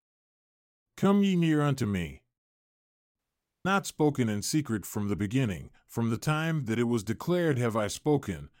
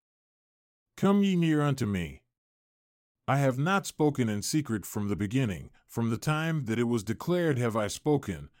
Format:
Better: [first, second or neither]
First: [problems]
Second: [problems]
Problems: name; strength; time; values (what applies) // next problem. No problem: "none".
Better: second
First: audio cutting out; at 3 s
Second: none